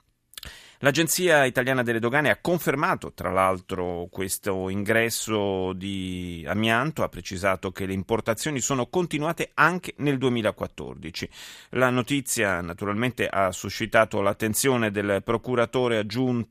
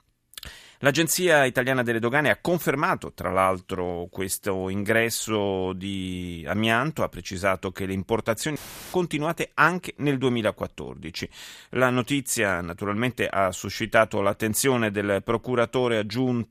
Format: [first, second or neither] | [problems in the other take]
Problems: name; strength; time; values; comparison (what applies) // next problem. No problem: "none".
first | audio cutting out; filled with static; at 8.5 s